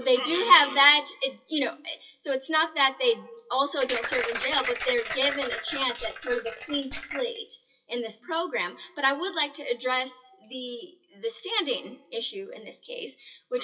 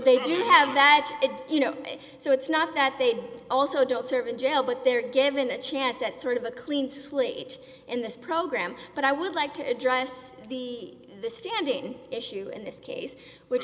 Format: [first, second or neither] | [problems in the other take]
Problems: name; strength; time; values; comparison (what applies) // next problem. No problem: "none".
second | noise reduction (classical method WPE with log-MMSE)